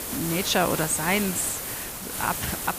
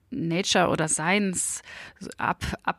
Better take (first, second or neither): second